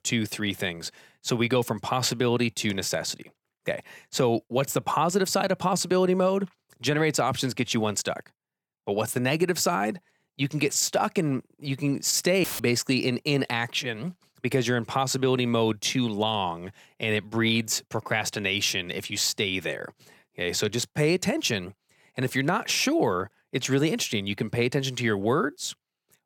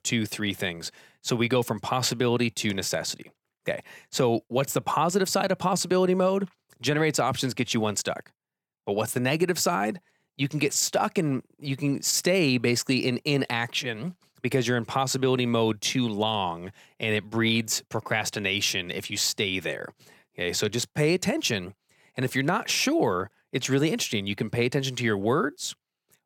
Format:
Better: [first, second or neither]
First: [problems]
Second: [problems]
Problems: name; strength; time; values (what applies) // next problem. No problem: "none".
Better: second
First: audio cutting out; filled with static; at 12 s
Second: none